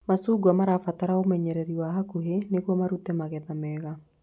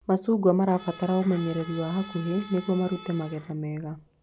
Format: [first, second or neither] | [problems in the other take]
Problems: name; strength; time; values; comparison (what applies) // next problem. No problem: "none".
first | background sound (Bowed string instrument); 19 dB below the speech